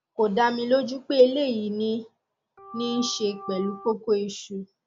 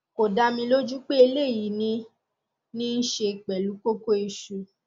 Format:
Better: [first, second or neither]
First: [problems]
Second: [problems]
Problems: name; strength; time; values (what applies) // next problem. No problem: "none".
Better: second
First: background sound (Organ); 14 dB below the speech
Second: none